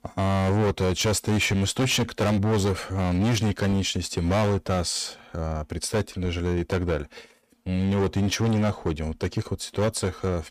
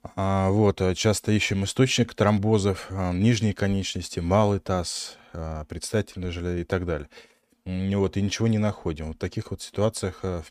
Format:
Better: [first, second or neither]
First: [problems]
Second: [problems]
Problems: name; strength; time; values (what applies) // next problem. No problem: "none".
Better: second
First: distortion; heavy; 17% of the sound clipped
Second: none